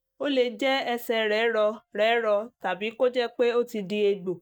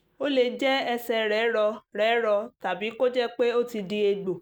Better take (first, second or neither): second